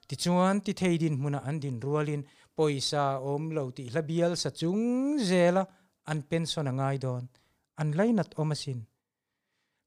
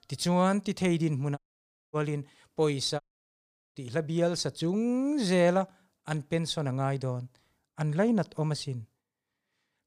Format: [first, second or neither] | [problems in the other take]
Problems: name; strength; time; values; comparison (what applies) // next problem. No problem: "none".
first | audio cutting out; at 1.5 s for 0.5 s and at 3 s for 1 s